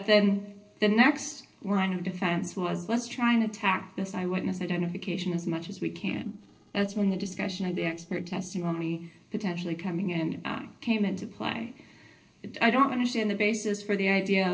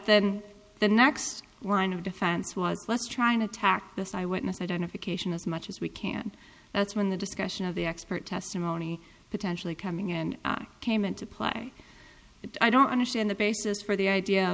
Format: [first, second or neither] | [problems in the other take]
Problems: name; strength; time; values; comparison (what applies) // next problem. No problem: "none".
second | noise reduction (neural separator model SepFormer DNS4)